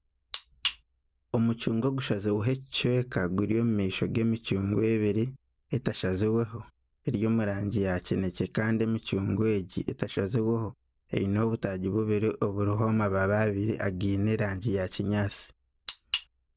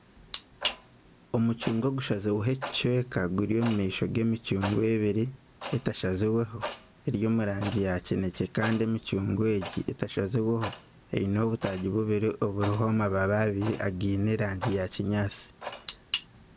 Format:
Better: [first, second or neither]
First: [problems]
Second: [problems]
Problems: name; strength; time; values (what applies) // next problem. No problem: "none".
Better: first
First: none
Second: background sound (Clock); 15 dB below the speech